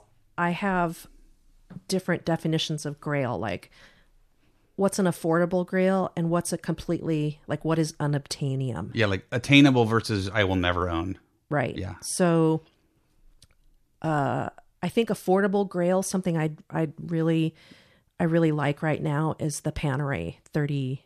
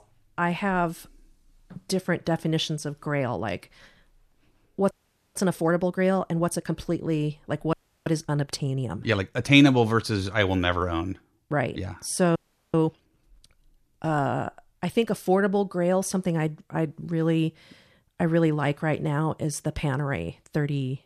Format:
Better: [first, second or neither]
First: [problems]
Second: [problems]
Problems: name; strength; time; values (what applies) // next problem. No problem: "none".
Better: first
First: none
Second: audio freezing; at 5 s, at 7.5 s and at 12 s